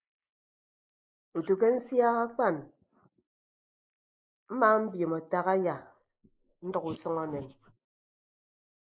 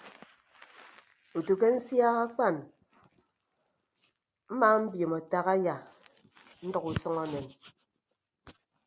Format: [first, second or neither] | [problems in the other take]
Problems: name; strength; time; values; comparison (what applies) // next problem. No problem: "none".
second | noise reduction (neural mask model Resemble Enhance denoiser)